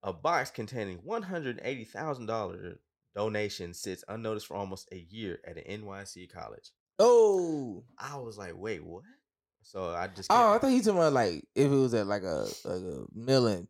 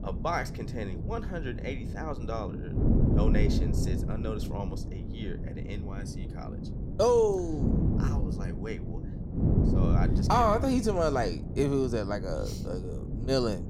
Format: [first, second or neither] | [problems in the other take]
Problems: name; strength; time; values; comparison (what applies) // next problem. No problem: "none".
first | wind noise on the microphone; heavy; 9 dB below the speech